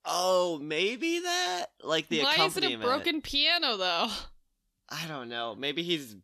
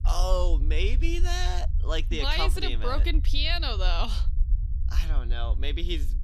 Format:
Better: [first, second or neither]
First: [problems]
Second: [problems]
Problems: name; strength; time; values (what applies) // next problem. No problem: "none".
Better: first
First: none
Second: low rumble; noticeable; throughout; 20 dB below the speech